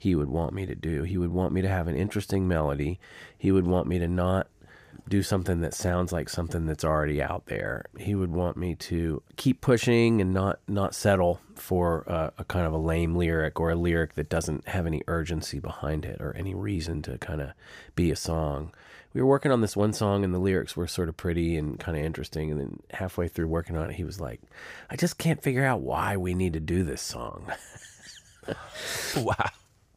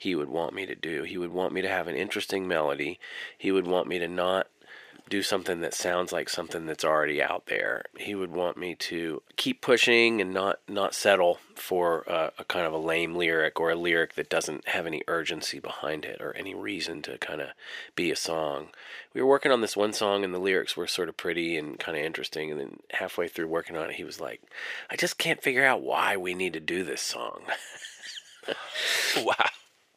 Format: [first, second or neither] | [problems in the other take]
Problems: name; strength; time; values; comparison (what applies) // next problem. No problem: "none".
first | thin; somewhat; fading below 400 Hz